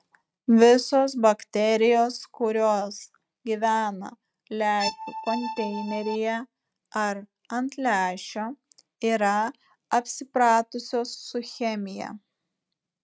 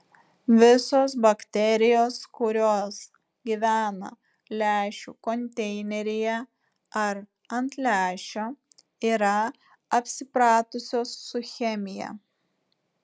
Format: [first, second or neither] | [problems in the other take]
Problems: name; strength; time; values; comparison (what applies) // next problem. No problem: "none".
second | noise reduction (neural mask model RNNoise)